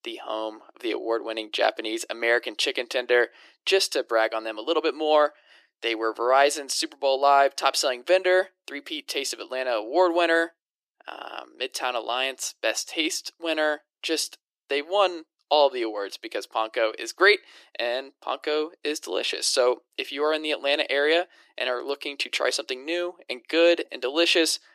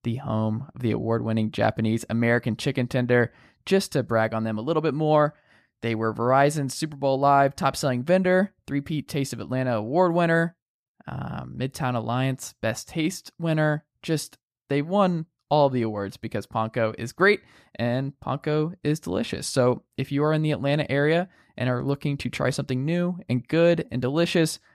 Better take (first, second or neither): second